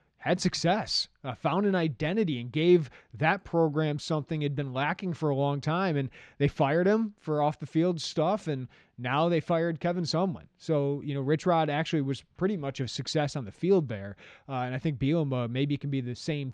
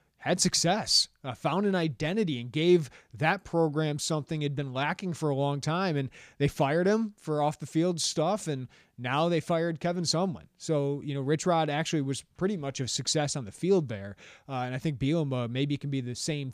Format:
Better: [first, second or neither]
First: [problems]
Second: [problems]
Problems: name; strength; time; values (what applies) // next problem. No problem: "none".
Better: second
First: muffled; very slightly; fading above 3.5 kHz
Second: none